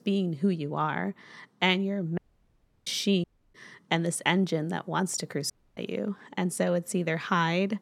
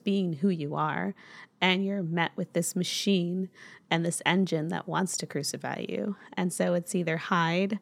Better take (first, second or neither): second